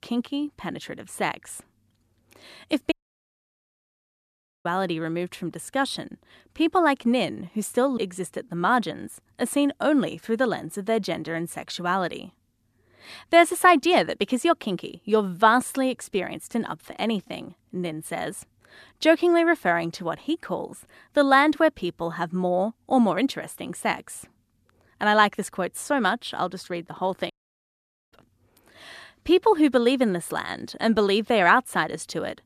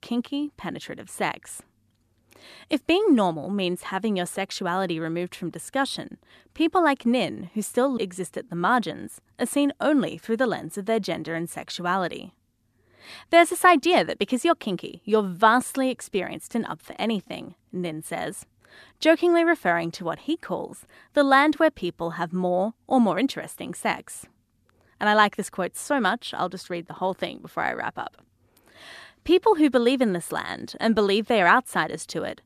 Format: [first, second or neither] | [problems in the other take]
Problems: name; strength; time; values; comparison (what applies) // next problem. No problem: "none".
second | audio cutting out; at 3 s for 1.5 s and at 27 s for 1 s